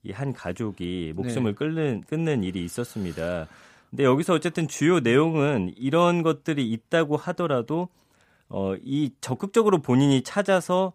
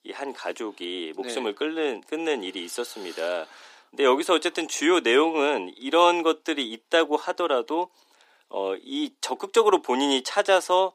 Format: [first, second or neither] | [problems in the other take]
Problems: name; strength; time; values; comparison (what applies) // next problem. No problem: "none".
first | thin; somewhat; fading below 300 Hz